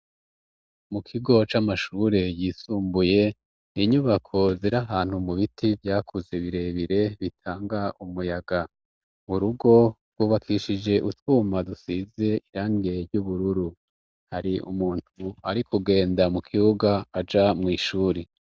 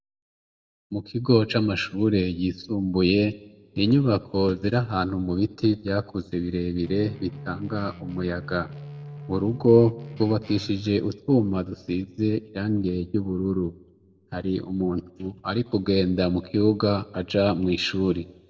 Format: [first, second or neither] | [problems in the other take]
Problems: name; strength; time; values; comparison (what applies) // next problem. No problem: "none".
first | background sound (Guitar); 15 dB below the speech // room echo; dies away in 0.6 s